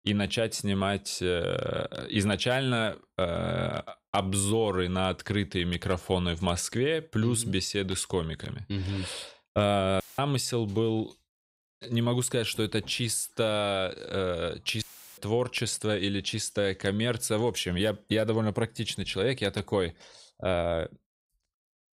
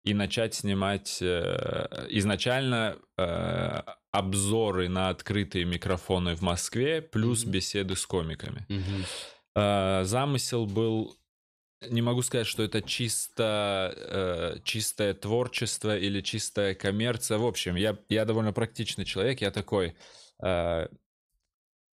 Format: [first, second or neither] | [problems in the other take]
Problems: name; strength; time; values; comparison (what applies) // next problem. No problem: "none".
second | audio cutting out; filled with static; at 10 s and at 15 s